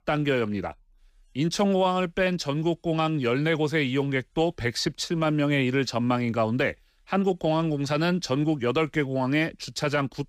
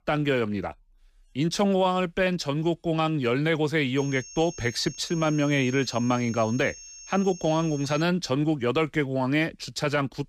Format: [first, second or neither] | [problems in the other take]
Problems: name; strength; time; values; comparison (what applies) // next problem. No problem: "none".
first | high-pitched whine; noticeable; from 4 to 8 s; 6.5 kHz, 15 dB below the speech